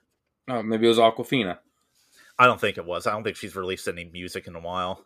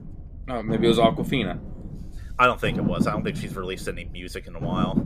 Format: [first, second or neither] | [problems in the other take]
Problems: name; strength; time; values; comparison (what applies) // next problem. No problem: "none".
first | low rumble; noticeable; throughout; 10 dB below the speech